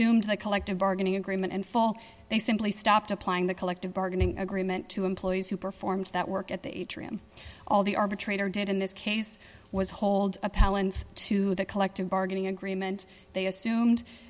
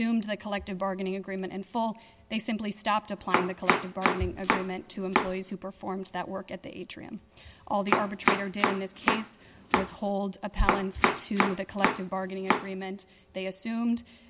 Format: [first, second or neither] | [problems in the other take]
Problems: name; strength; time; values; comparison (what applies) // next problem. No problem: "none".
first | background sound (Domestic sounds, home sounds); 3 dB above the speech